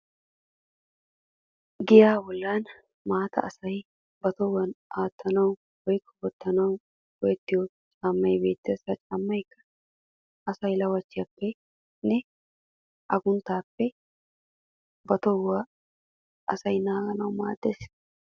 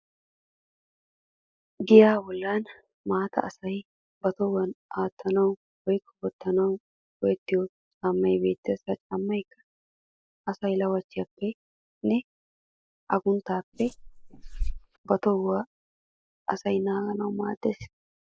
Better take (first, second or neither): first